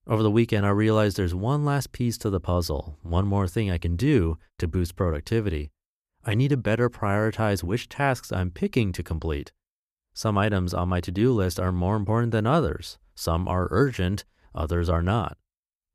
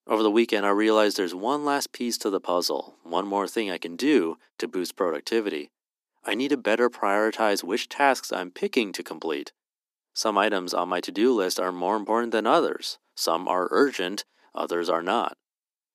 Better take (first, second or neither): first